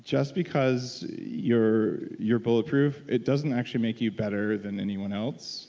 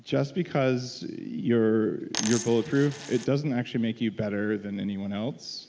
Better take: first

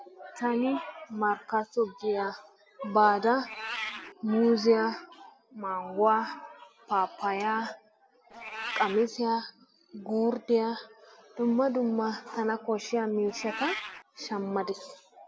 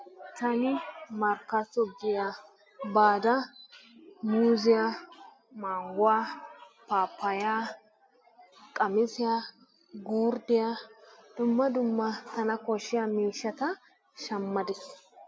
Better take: second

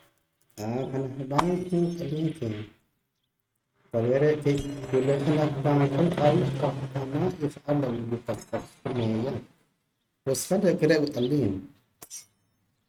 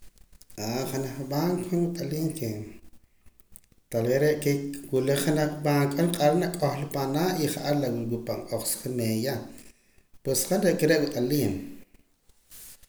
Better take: second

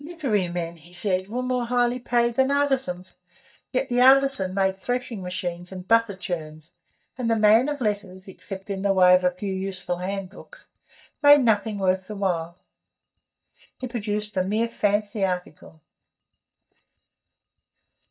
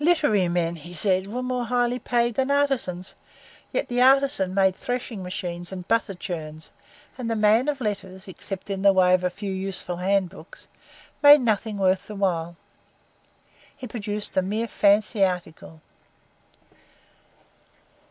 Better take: second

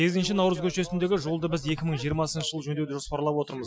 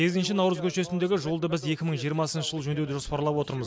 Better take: second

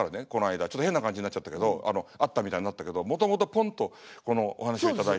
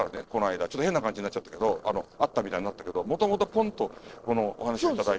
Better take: first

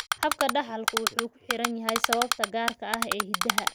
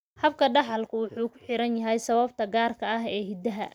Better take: second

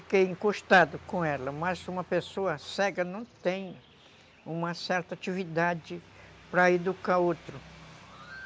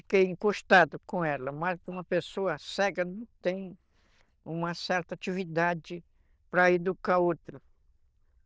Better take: first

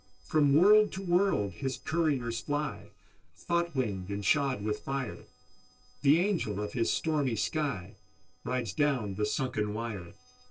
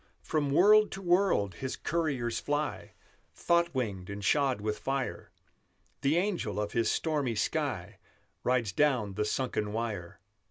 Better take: second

